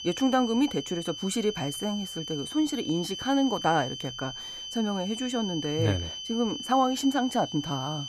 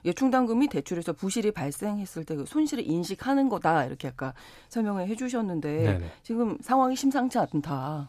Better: second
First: high-pitched whine; loud; throughout; 3 kHz, 7 dB below the speech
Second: none

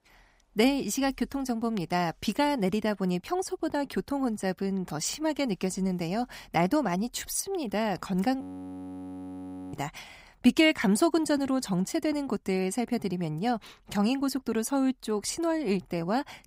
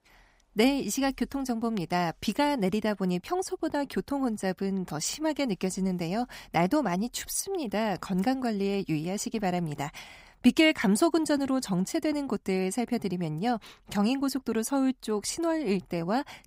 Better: second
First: audio freezing; at 8.5 s for 1.5 s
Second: none

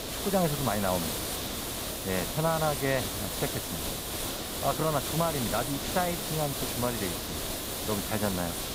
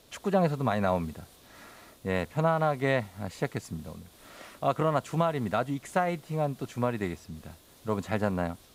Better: second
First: hiss; loud; throughout; 1 dB below the speech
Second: hiss; faint; throughout; 25 dB below the speech

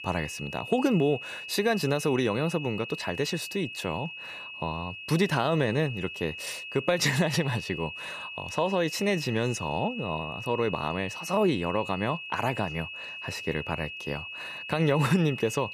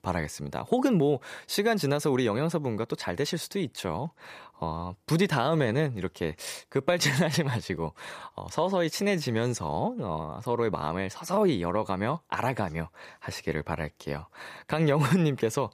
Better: second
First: high-pitched whine; loud; throughout; 2.5 kHz, 9 dB below the speech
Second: none

